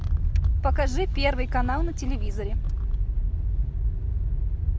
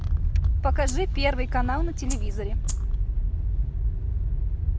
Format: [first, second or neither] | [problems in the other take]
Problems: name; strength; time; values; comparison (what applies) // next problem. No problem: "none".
first | background sound (Rattle (instrument)); 17 dB below the speech